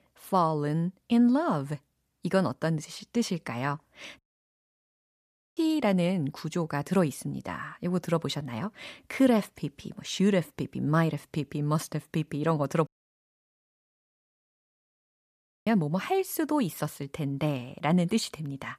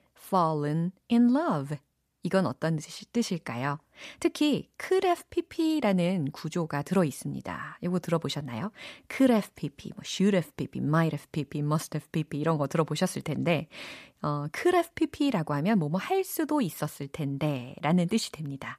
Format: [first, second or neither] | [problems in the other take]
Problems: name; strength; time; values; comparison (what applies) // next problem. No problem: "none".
second | audio cutting out; at 4 s for 1.5 s and at 13 s for 3 s